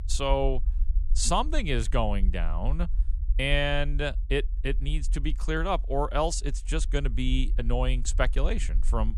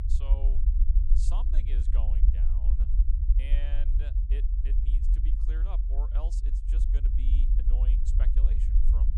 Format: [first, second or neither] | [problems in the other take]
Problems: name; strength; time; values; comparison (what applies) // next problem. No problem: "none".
first | low rumble; loud; throughout; 1 dB below the speech; faint in the first